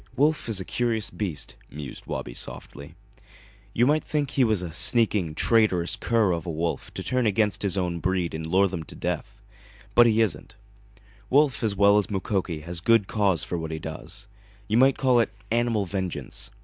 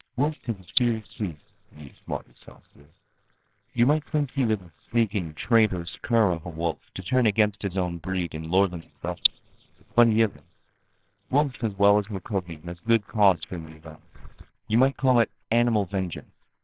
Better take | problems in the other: first | noise reduction (neural separator model SepFormer WHAMR!)

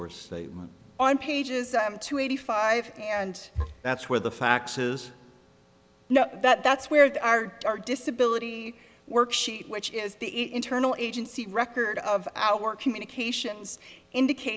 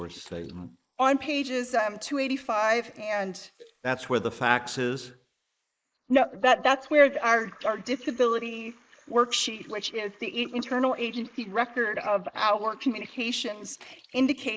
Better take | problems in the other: first | noise reduction (neural mask model Resemble Enhance denoiser)

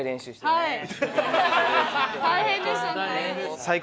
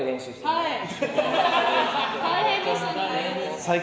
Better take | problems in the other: first | room echo; dies away in 2.9 s

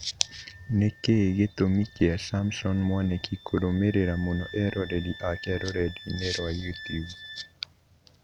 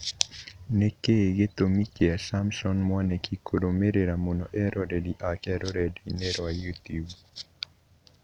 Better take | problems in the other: second | background sound (Wind instrument, woodwind instrument); 18 dB below the speech

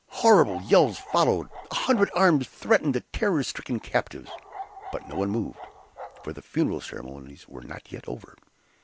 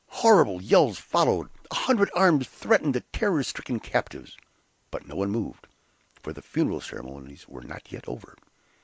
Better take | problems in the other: second | background sound (Bark); 15 dB below the speech

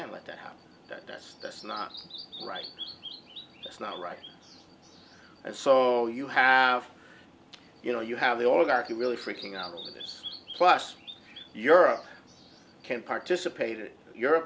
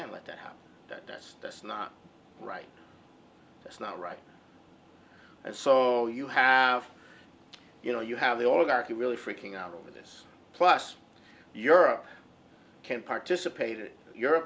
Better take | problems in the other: second | background sound (Bird vocalization, bird call, bird song); 20 dB below the speech

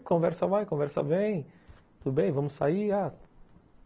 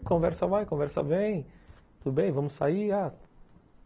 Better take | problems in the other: first | background sound (Boom); 20 dB below the speech

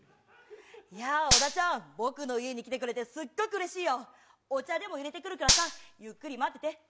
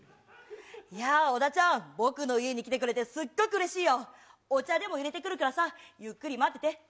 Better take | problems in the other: second | background sound (Gunshot, gunfire); 4 dB above the speech

